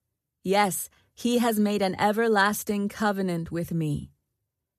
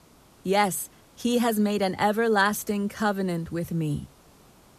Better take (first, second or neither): first